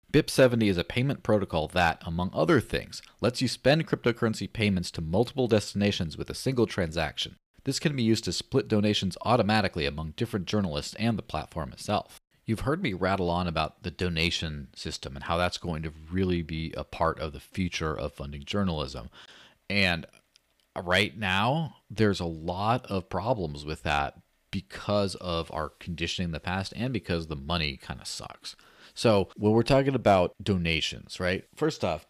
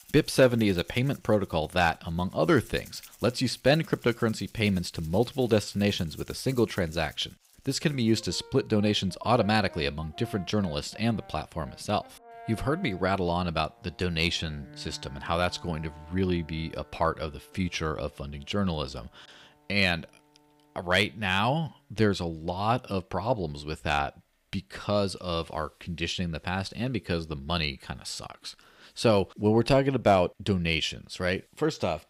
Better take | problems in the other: first | background music; faint; until 22 s; 25 dB below the speech

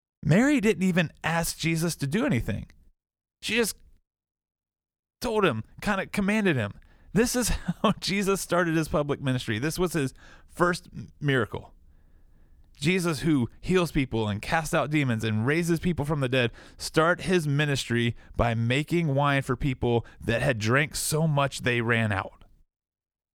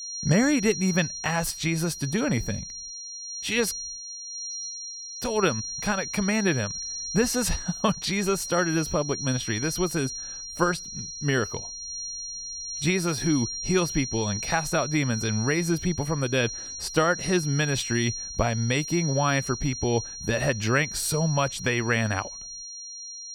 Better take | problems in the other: first | high-pitched whine; loud; throughout; 5.5 kHz, 7 dB below the speech

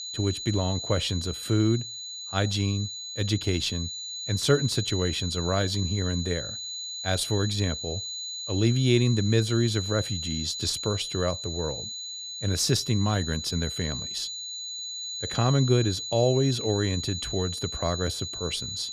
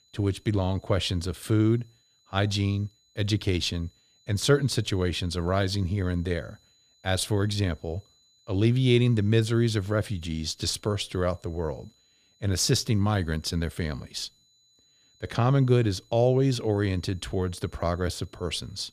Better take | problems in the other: second | high-pitched whine; loud; throughout; 4 kHz, 5 dB below the speech; faint in the second

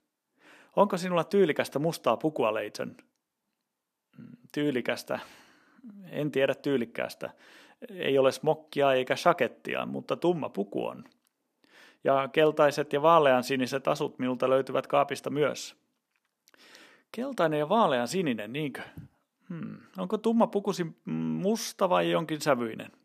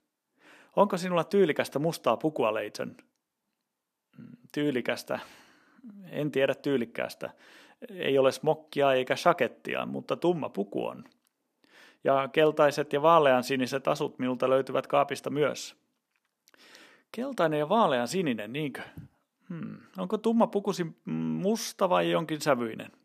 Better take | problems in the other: neither | none

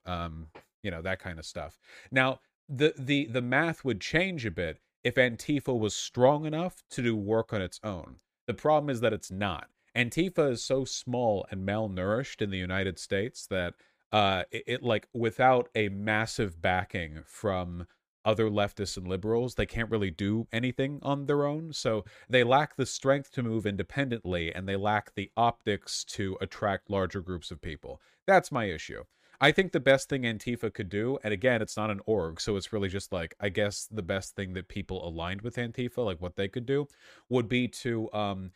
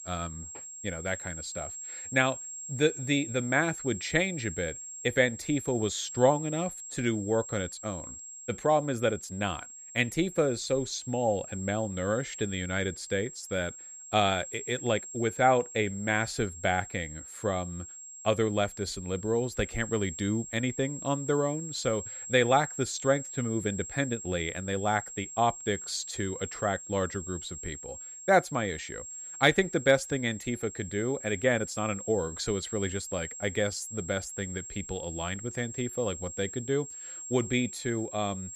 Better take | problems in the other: first | high-pitched whine; loud; throughout; 7.5 kHz, 10 dB below the speech

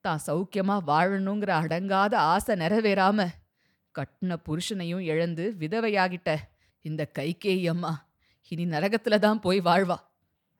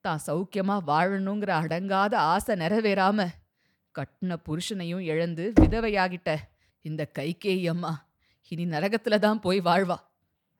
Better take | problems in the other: first | door banging; loud; at 5.5 s; peak 5 dB above the speech

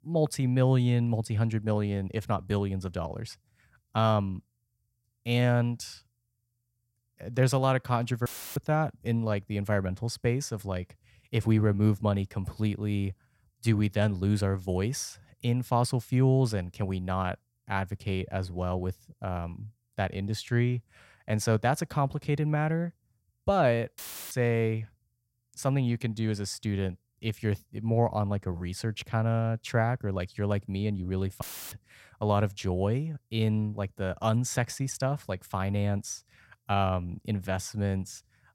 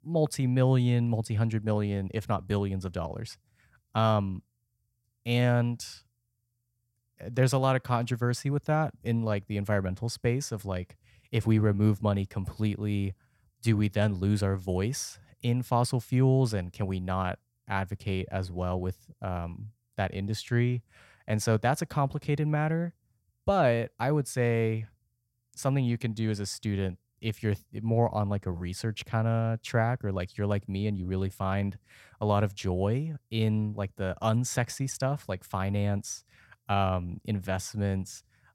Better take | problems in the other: second | audio cutting out; filled with static; at 8.5 s, at 24 s and at 31 s

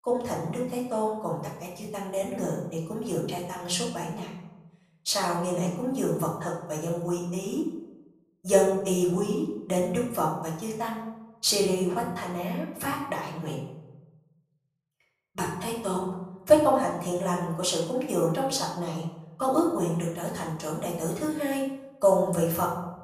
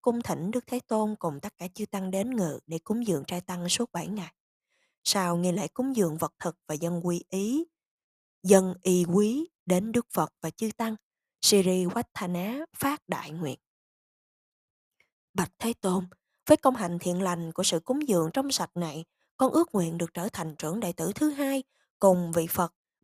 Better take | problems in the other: second | off-mic speech; far // room echo; noticeable; dies away in 0.7 s

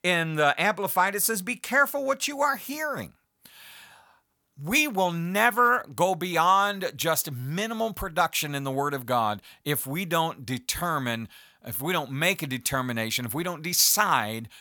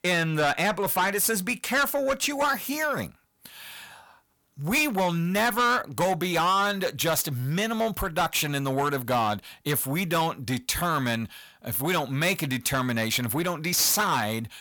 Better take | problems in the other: first | distortion; heavy; 7 dB below the speech

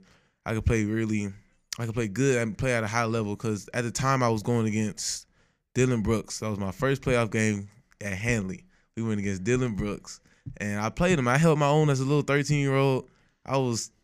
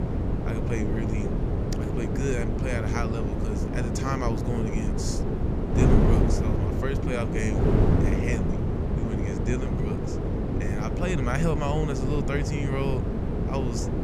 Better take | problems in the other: first | wind noise on the microphone; heavy; 1 dB above the speech

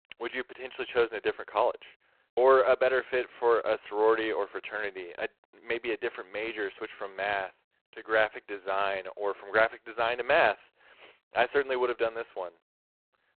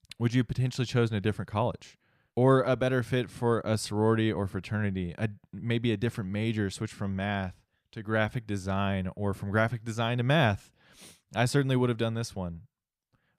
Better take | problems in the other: second | phone-call audio; poor line; nothing above 4 kHz

